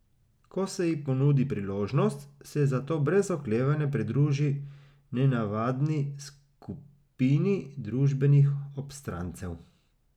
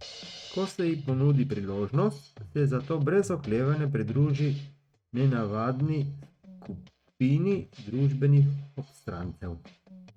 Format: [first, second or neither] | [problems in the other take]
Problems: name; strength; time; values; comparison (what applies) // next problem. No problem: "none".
first | noise reduction (neural mask model RNNoise)